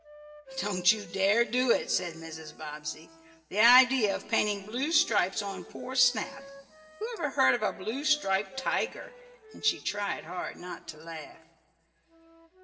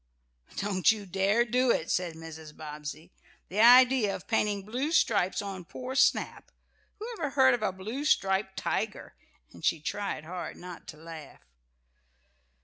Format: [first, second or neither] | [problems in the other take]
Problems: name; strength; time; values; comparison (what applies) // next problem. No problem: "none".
second | background sound (Wind instrument, woodwind instrument); 20 dB below the speech // room echo; dies away in 1.7 s